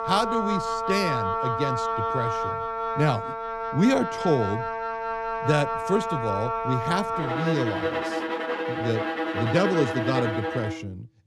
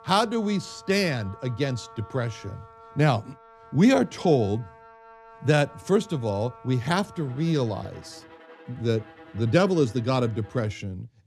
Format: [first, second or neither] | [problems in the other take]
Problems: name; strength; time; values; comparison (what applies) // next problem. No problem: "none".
second | background music; loud; throughout; 1 dB below the speech; faint in the second